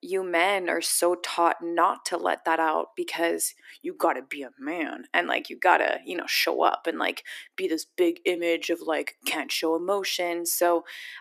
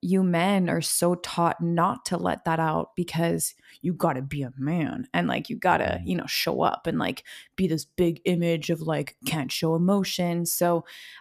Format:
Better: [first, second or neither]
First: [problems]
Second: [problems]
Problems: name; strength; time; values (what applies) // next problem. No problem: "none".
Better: second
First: thin; very; fading below 300 Hz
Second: none